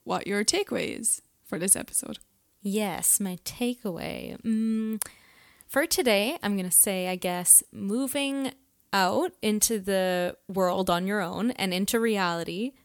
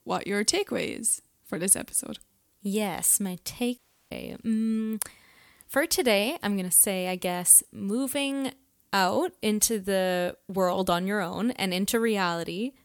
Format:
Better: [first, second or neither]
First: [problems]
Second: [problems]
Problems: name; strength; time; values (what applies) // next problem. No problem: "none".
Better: first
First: none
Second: audio cutting out; at 4 s